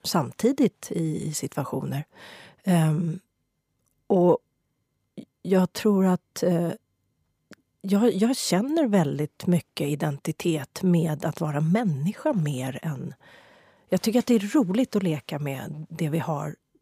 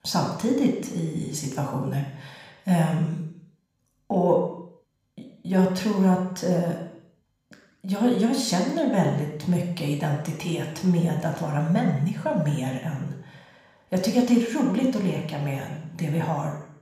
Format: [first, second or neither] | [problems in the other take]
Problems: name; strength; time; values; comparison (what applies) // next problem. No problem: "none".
first | room echo; noticeable; dies away in 0.8 s // off-mic speech; somewhat distant